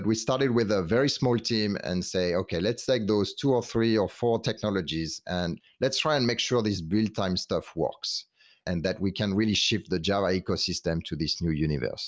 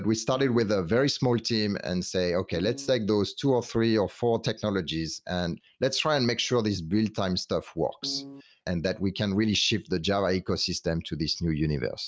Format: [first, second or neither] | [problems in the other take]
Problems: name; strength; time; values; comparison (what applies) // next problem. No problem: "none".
first | noise reduction (neural mask model RNNoise)